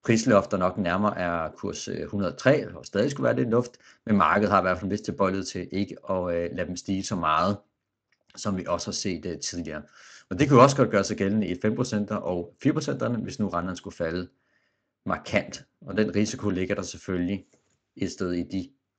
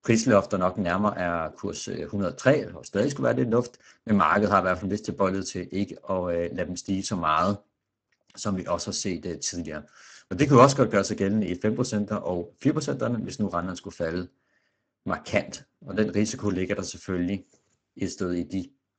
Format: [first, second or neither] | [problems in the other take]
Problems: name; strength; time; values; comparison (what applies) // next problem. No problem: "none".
first | garbled, watery; badly; nothing above 7.5 kHz; slightly in the first